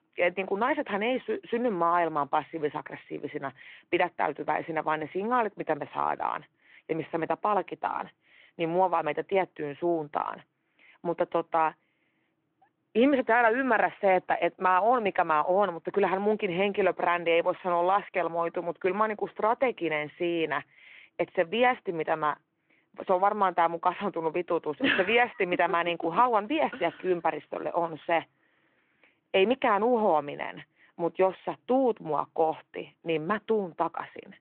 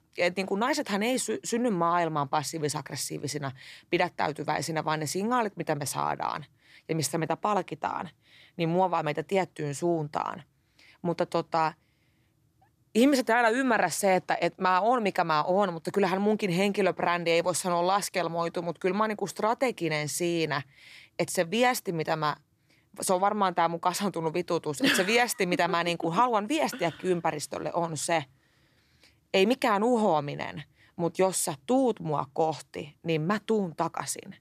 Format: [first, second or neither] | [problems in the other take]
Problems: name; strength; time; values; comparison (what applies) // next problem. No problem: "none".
second | phone-call audio